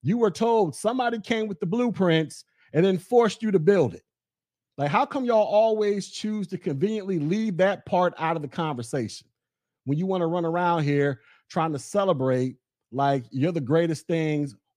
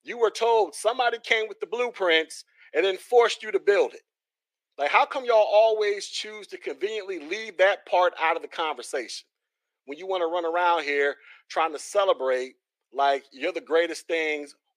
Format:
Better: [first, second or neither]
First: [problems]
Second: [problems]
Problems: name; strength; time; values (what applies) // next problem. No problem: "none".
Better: first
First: none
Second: thin; very; fading below 400 Hz